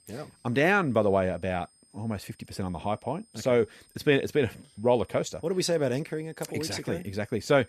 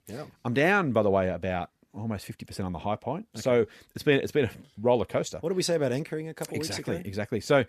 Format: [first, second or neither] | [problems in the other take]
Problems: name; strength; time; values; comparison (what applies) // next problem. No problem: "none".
second | high-pitched whine; faint; throughout; 8.5 kHz, 30 dB below the speech